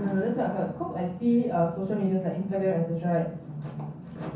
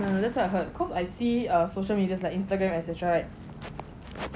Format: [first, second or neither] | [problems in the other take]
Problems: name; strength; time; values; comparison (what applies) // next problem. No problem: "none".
second | room echo; dies away in 0.6 s